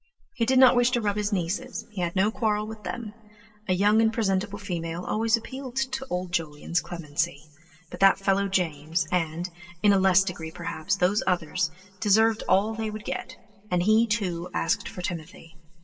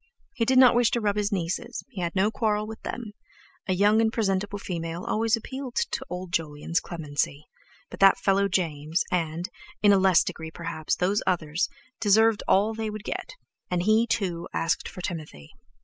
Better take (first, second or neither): second